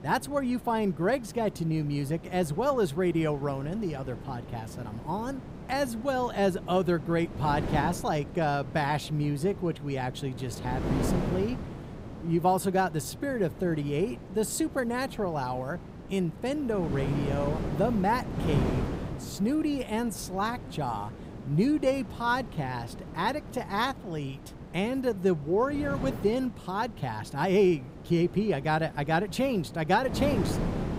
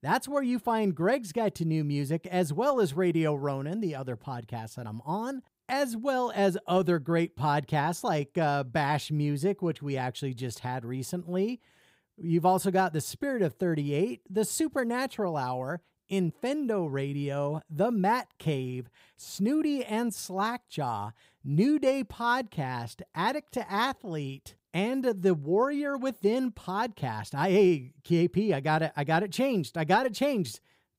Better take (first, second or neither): second